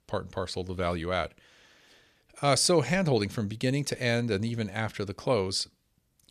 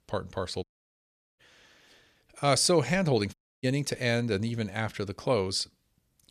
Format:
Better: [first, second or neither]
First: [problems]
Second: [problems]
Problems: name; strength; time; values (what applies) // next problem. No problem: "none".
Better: first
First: none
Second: audio cutting out; at 0.5 s for 0.5 s and at 3.5 s